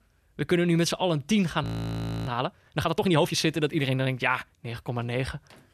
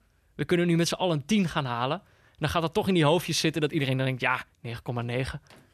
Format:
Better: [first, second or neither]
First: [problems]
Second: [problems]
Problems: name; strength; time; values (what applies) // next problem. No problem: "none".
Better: second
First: audio freezing; at 1.5 s for 0.5 s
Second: none